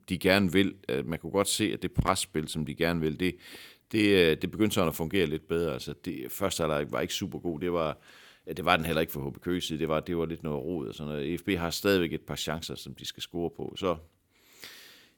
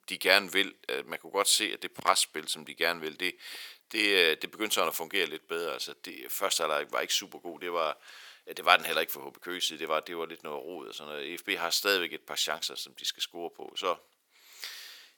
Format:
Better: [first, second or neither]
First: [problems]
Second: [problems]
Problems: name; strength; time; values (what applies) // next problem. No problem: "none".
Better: first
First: none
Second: thin; very; fading below 700 Hz